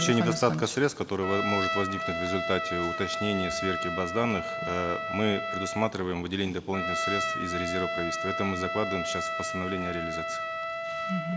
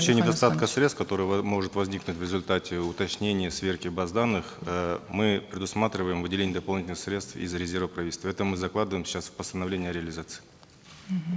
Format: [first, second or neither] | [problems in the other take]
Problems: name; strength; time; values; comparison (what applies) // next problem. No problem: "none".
second | background sound (Trumpet); 2 dB below the speech